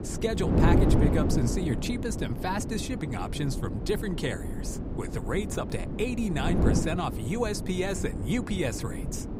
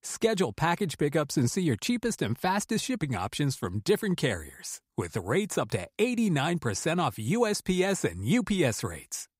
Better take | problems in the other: second | wind noise on the microphone; heavy; 3 dB below the speech

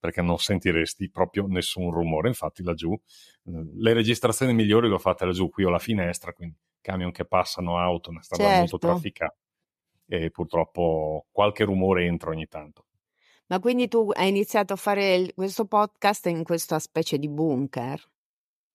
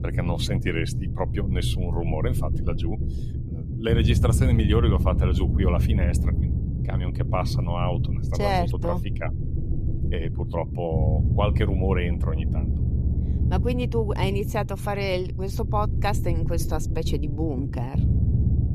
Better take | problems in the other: first | low rumble; loud; throughout; 8 dB below the speech

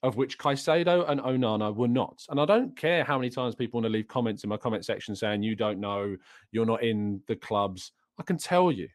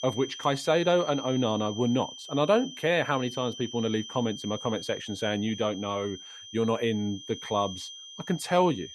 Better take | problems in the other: first | high-pitched whine; noticeable; throughout; 3 kHz, 10 dB below the speech

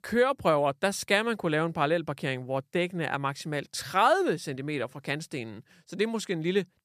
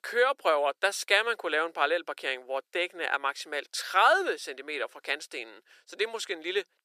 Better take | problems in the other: first | thin; very; fading below 400 Hz

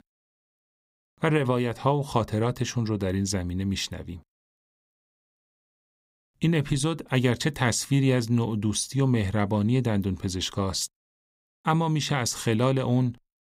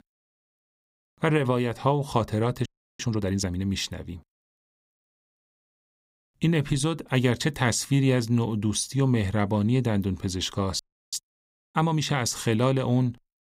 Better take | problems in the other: first | audio freezing; at 2.5 s and at 11 s

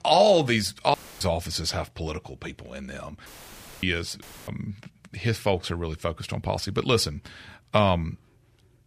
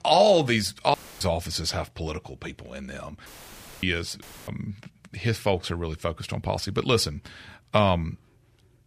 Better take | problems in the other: neither | audio cutting out; filled with static; at 1 s, at 3.5 s for 0.5 s and at 4 s; the same in both

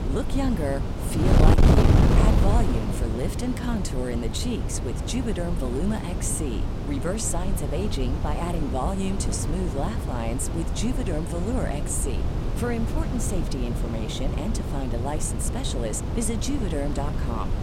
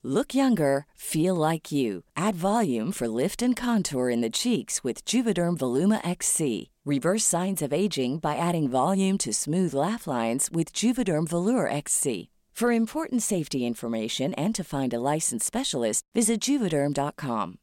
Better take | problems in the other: second | wind noise on the microphone; heavy; 2 dB below the speech

